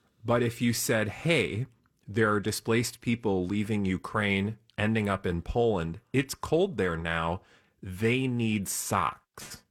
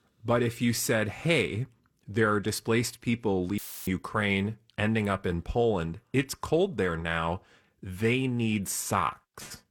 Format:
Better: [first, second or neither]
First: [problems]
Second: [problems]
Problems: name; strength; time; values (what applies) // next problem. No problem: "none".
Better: first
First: none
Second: audio cutting out; filled with static; at 3.5 s